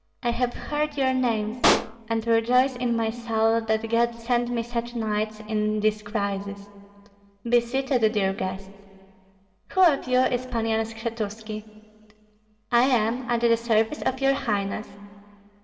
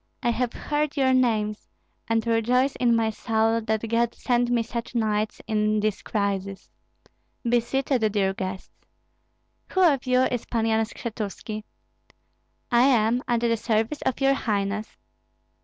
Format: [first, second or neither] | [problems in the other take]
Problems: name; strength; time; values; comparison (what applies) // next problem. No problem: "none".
second | background sound (Explosion); 3 dB below the speech // room echo; dies away in 1.8 s